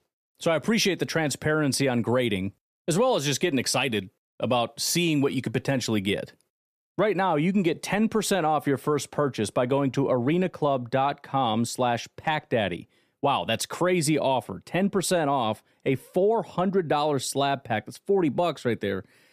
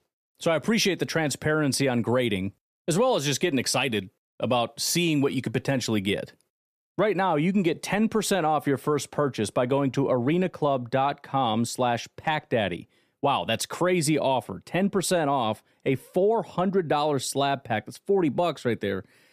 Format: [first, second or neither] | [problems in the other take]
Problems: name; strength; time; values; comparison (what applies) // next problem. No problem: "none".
neither | none